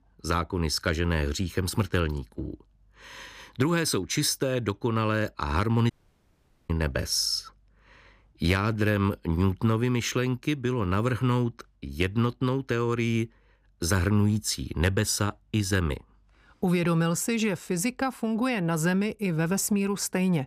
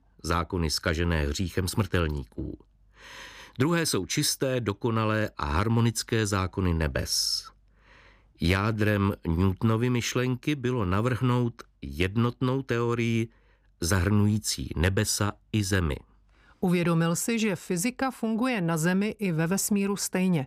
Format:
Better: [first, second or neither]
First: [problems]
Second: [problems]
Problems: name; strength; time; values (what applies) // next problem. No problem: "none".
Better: second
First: audio cutting out; at 6 s for 1 s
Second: none